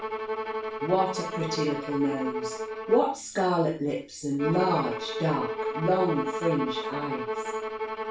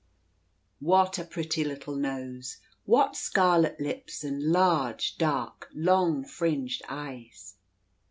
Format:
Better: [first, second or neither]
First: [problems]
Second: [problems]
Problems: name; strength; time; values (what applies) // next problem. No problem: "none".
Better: second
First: background sound (Bowed string instrument); 4 dB below the speech // room echo; dies away in 0.3 s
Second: none